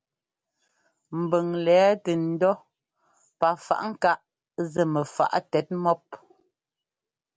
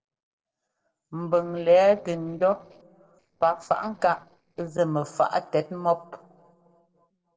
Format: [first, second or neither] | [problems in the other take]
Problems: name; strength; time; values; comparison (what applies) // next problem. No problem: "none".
first | noise reduction (neural separator model SepFormer DNS4)